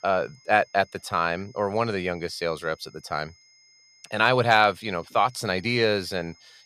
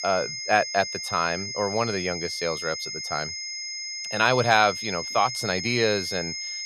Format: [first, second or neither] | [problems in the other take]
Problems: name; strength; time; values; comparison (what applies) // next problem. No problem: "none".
first | high-pitched whine; loud; throughout; 5 kHz, 5 dB below the speech; faint in the first